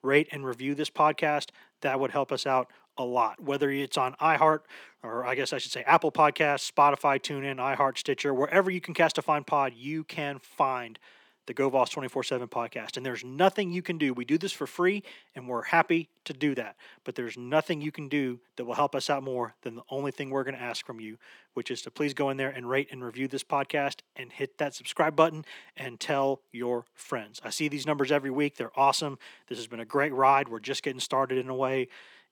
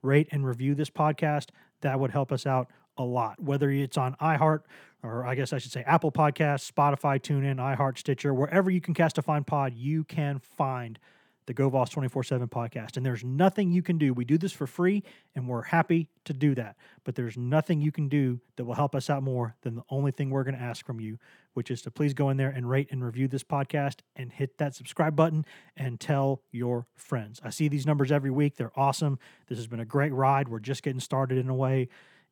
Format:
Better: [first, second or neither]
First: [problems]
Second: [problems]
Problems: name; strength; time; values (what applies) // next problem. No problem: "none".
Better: second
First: thin; somewhat; fading below 350 Hz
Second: none